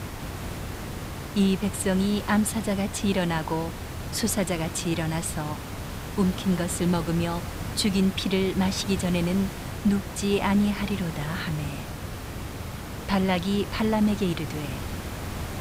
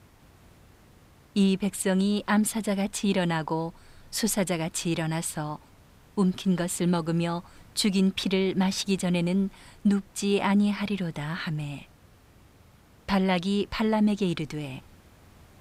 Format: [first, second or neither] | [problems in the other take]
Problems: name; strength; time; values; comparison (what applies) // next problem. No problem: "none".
second | hiss; loud; throughout; 9 dB below the speech; faint in the second